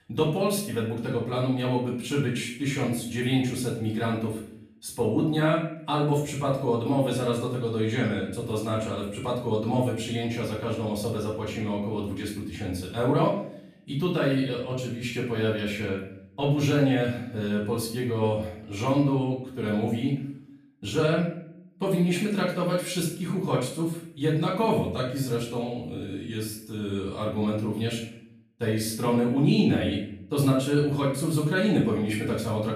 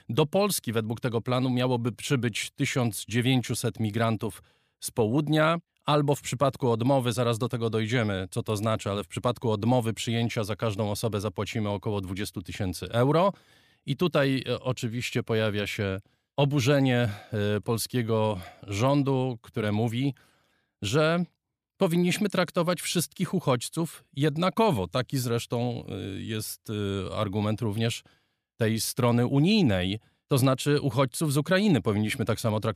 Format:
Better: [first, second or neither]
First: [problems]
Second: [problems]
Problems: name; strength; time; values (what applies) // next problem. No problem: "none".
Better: second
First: room echo; noticeable; dies away in 0.6 s // off-mic speech; far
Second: none